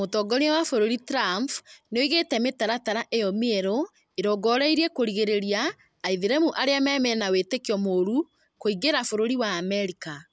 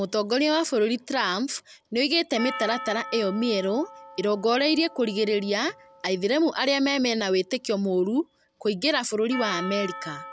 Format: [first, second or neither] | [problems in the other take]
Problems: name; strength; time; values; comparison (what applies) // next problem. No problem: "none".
first | background sound (Percussion); 16 dB below the speech